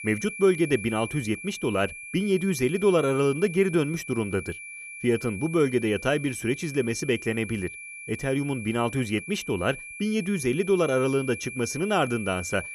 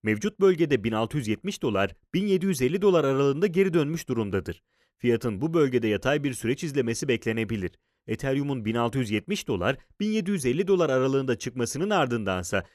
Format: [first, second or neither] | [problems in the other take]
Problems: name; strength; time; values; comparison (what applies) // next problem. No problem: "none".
second | high-pitched whine; noticeable; throughout; 2.5 kHz, 10 dB below the speech